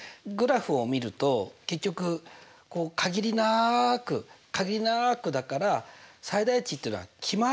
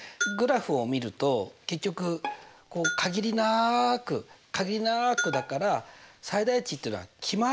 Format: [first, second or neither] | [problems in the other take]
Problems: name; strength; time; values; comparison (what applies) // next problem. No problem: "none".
first | background sound (Bell + Bowed string instrument); 10 dB below the speech